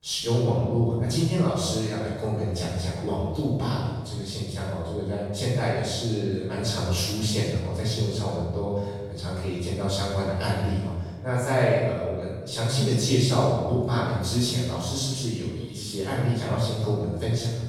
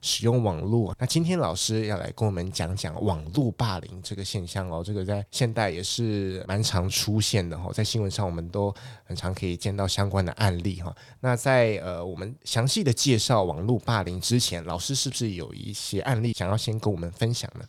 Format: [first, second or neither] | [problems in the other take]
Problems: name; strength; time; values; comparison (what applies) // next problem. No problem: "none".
second | room echo; strong; dies away in 1.2 s // off-mic speech; far